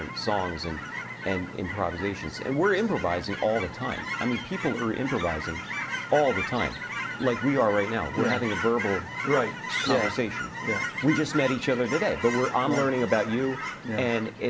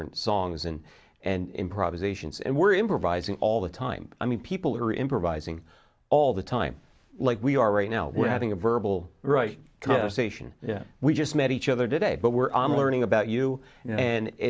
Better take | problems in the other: second | background sound (Chirp, tweet / Fowl); 6 dB below the speech // room echo; dies away in 0.4 s

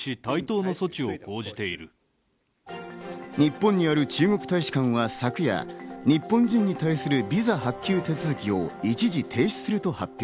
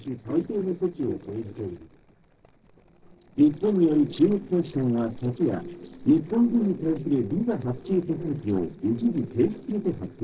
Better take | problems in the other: first | noise reduction (neural separator model SepFormer DNS4)

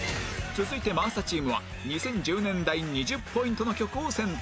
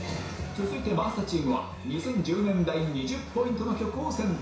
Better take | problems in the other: first | room echo; dies away in 0.6 s

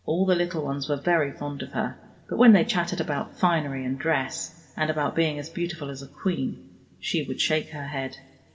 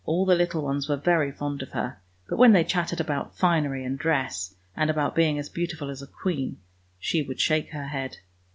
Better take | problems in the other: second | room echo; dies away in 1.5 s

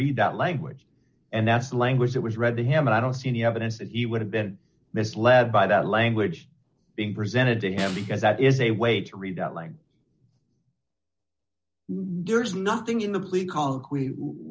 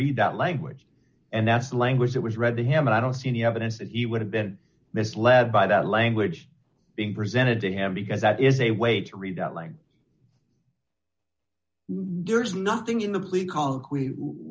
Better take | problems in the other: second | noise reduction (neural separator model SepFormer DNS4)

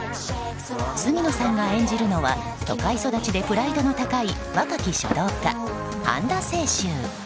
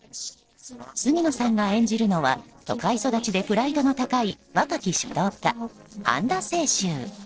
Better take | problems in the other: first | noise reduction (neural separator model SepFormer DNS4)

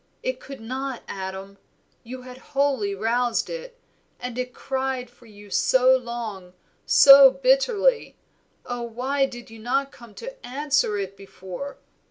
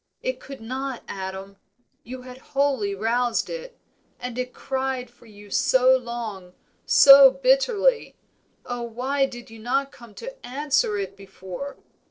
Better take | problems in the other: first | noise reduction (neural separator model SepFormer DNS4)

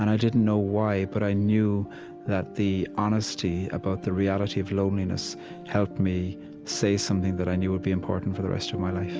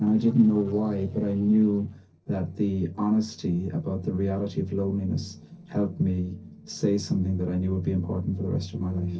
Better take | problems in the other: first | noise reduction (neural separator model SepFormer DNS4)

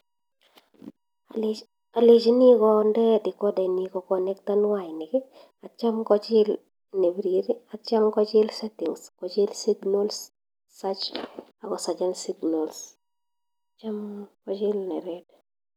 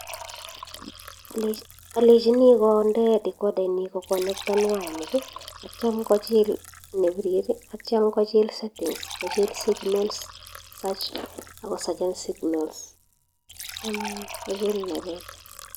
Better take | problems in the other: first | background sound (Fill (with liquid) / Trickle, dribble); 16 dB below the speech

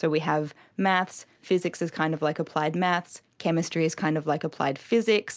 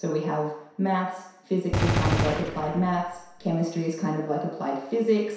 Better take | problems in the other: first | background sound (Gunshot, gunfire); as loud as the speech // room echo; dies away in 0.7 s

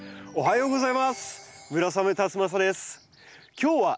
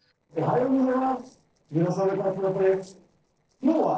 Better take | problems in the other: first | noise reduction (neural separator model SepFormer DNS4)

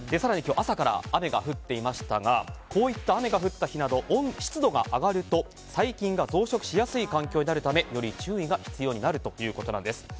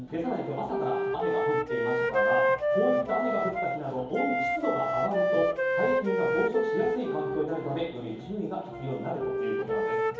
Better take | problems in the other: first | background sound (Wind instrument, woodwind instrument); 3 dB above the speech // room echo; dies away in 2.2 s

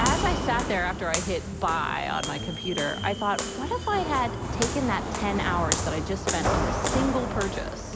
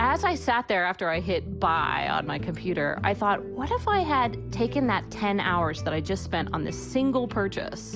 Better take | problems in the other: second | background sound (Walk, footsteps); 2 dB below the speech

